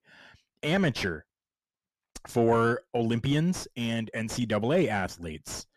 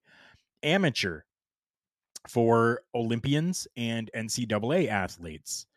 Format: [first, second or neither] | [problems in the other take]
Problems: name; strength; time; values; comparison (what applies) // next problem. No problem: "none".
second | distortion; slight; 10 dB below the speech